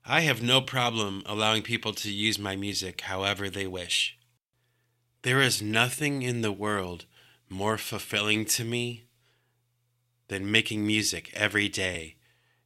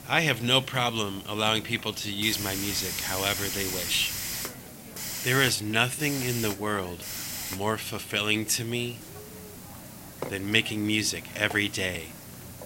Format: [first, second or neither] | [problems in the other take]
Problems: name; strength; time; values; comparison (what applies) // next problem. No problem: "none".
first | hiss; loud; throughout; 8 dB below the speech